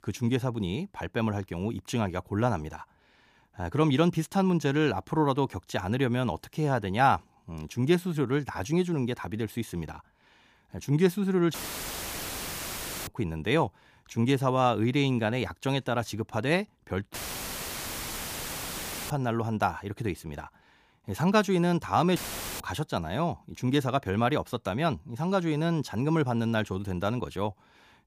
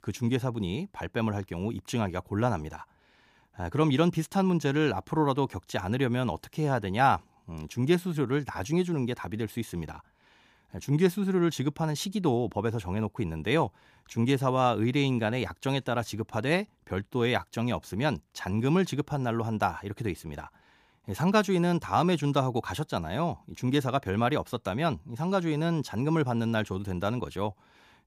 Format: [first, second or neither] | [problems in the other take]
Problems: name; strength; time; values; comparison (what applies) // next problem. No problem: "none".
second | audio cutting out; filled with static; at 12 s for 1.5 s, at 17 s for 2 s and at 22 s